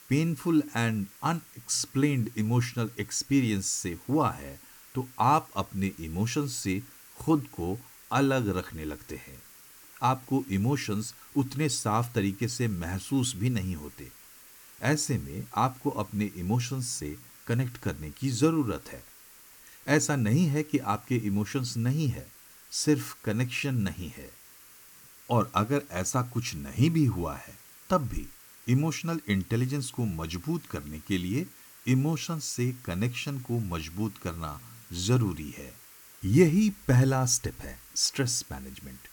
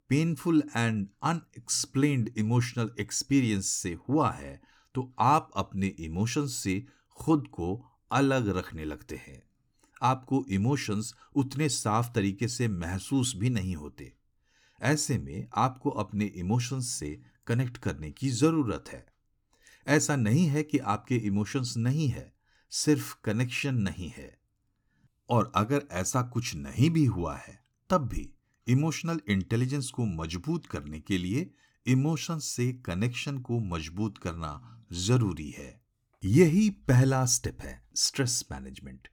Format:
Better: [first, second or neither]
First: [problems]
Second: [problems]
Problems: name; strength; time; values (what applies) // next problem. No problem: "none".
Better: second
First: hiss; faint; throughout; 20 dB below the speech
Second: none